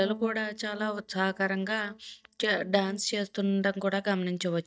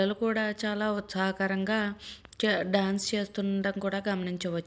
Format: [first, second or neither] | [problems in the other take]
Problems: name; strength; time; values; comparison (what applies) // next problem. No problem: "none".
second | noise reduction (neural mask model DeepFilterNet 3)